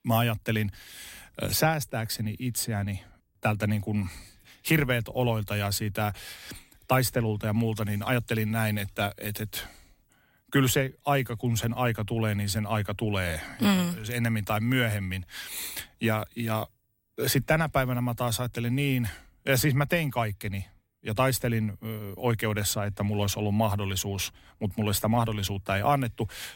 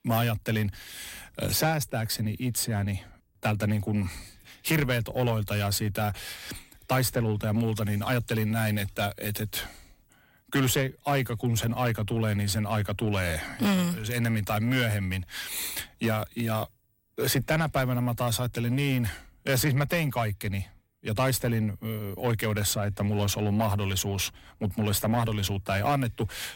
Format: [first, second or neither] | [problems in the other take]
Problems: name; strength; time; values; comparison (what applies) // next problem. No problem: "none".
first | distortion; slight; 10 dB below the speech